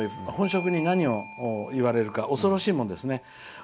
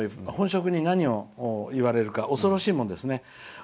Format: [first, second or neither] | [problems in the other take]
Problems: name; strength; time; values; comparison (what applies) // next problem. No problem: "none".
second | background sound (Bell / Doorbell); 16 dB below the speech